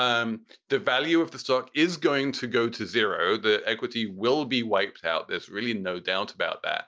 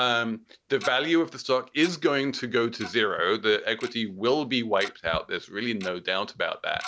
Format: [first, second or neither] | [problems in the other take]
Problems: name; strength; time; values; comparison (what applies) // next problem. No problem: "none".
first | background sound (Tick-tock); 19 dB below the speech